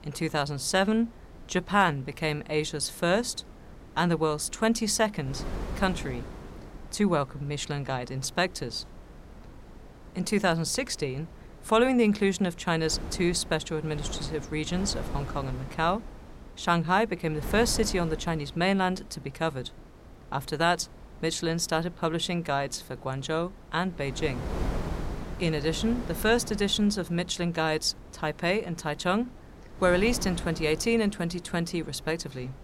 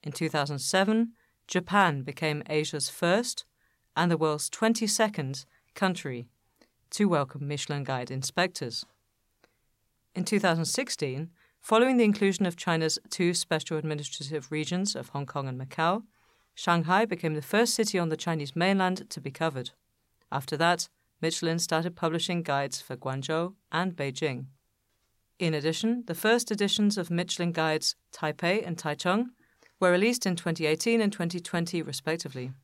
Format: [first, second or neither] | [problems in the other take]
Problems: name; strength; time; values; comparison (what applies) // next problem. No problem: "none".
second | wind noise on the microphone; occasional gusts; 20 dB below the speech